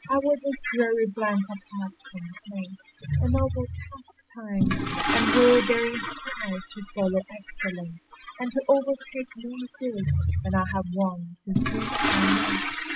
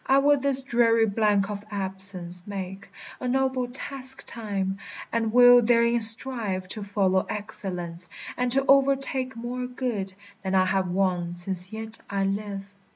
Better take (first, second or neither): second